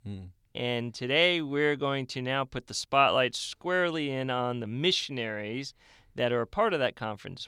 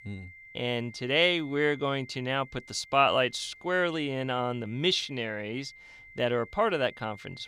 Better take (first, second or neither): first